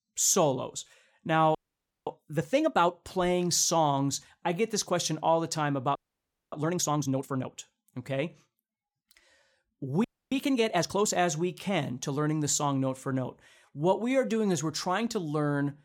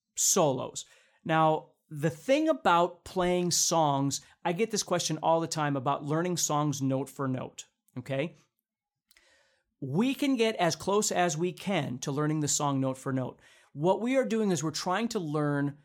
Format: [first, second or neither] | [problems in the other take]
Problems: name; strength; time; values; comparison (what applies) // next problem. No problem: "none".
second | audio freezing; at 1.5 s for 0.5 s, at 6 s for 0.5 s and at 10 s